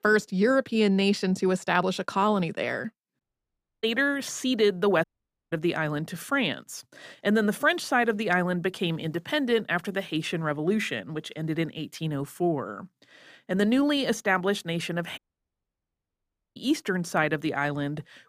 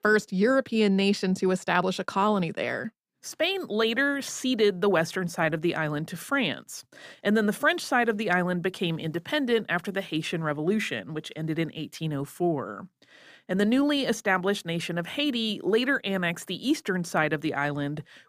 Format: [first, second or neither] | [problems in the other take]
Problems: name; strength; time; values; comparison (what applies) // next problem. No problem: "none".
second | audio cutting out; at 3 s for 0.5 s, at 5 s and at 15 s for 1.5 s